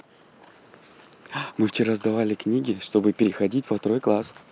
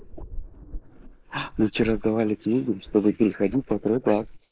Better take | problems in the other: first | noise reduction (neural mask model Resemble Enhance denoiser)

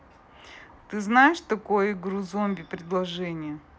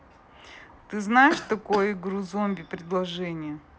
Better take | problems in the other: first | background sound (Cough); 11 dB below the speech

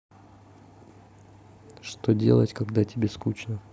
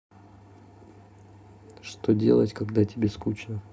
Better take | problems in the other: first | room echo; dies away in 0.3 s

